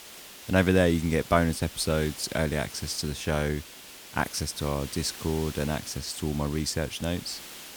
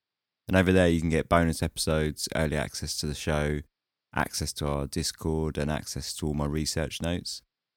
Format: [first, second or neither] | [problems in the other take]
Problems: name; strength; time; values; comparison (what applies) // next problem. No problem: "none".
second | hiss; noticeable; throughout; 15 dB below the speech